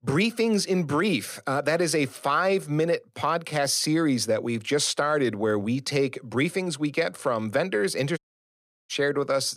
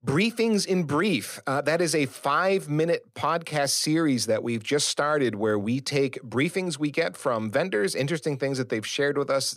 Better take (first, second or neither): second